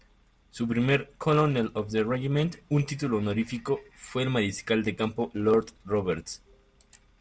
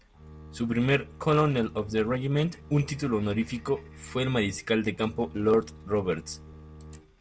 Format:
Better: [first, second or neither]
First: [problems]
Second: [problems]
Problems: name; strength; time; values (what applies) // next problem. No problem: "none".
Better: first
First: none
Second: background sound (Bowed string instrument); 19 dB below the speech